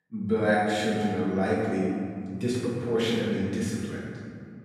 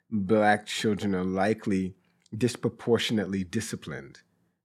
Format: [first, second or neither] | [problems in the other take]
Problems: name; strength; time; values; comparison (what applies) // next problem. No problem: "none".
second | room echo; strong; dies away in 2 s // off-mic speech; far